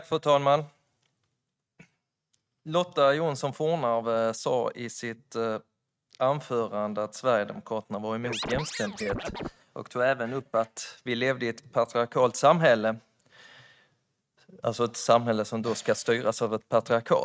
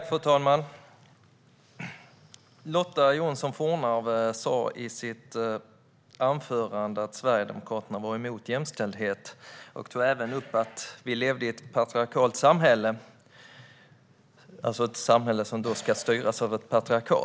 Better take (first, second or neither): second